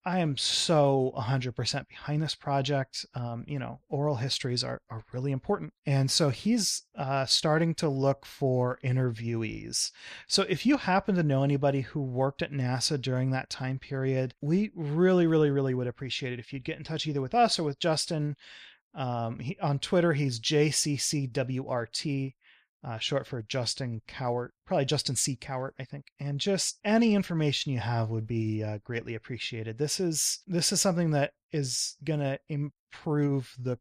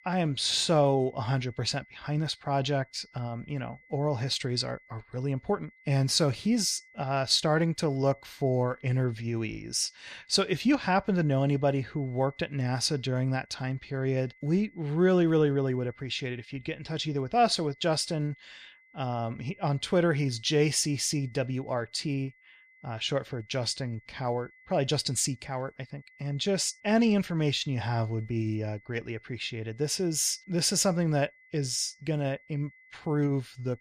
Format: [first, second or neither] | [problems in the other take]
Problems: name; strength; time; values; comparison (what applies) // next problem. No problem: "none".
first | high-pitched whine; faint; throughout; 2 kHz, 30 dB below the speech